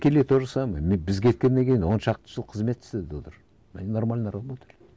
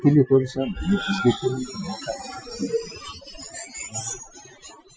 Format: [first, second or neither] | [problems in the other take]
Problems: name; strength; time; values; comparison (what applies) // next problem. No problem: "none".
first | noise reduction (classical method Wiener filter)